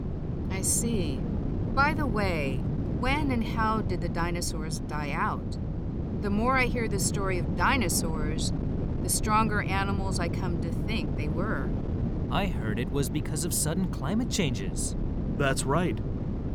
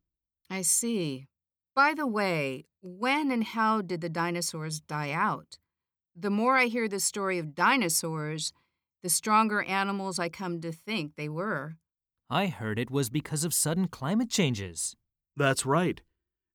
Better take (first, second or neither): second